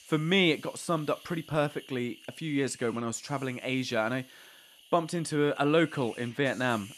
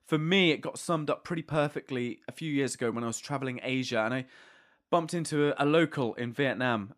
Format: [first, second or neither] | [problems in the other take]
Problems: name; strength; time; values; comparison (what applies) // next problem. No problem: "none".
second | hiss; faint; throughout; 20 dB below the speech